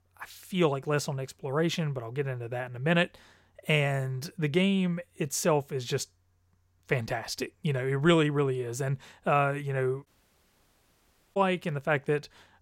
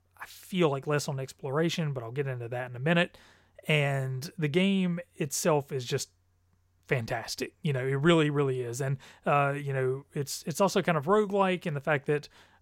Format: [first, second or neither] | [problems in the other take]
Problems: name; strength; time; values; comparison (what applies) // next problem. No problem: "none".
second | audio cutting out; at 10 s for 1.5 s